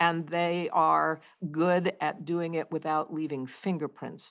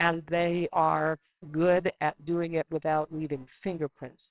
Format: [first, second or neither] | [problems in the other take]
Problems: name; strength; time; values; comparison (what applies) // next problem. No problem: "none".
first | noise reduction (neural separator model SepFormer WHAMR!)